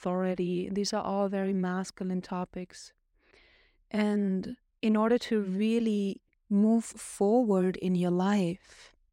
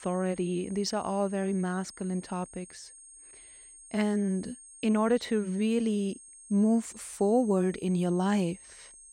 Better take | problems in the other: first | high-pitched whine; noticeable; throughout; 8.5 kHz, 20 dB below the speech

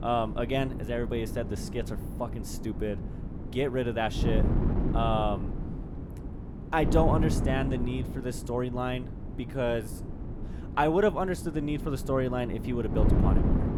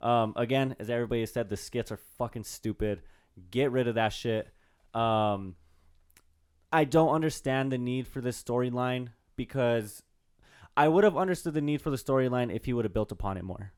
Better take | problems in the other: second | wind noise on the microphone; heavy; 10 dB below the speech

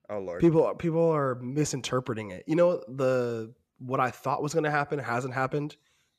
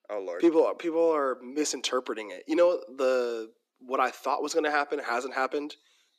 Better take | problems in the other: first | thin; somewhat; fading below 300 Hz

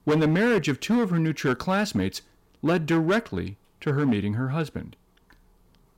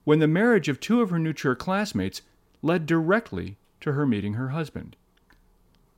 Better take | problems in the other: second | distortion; slight; 8% of the sound clipped

